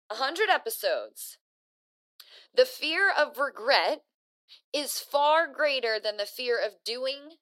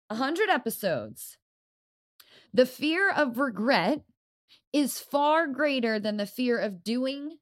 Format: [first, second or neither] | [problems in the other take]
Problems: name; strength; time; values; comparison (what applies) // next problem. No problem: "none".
second | thin; very; fading below 400 Hz